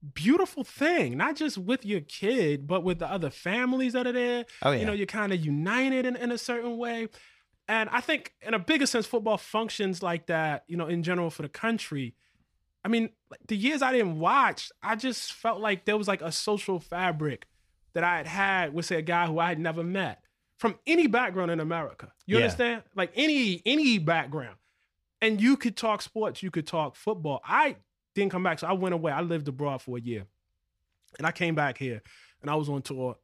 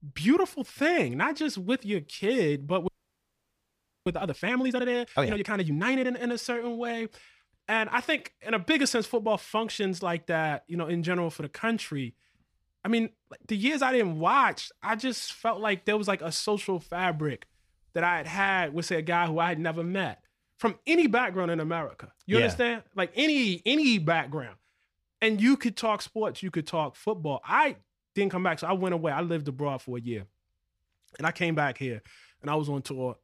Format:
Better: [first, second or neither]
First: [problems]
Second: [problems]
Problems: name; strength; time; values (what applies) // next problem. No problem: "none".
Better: first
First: none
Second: audio freezing; at 3 s for 1 s